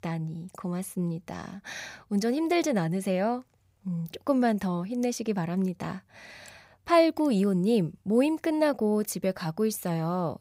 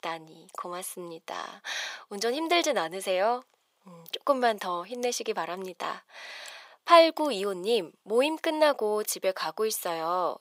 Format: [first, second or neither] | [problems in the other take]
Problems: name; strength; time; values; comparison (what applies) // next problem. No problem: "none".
first | thin; very; fading below 400 Hz